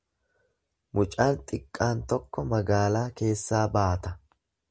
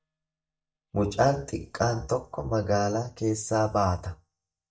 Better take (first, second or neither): first